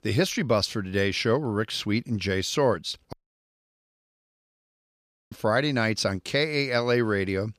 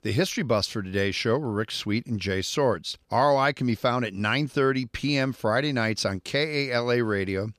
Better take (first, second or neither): second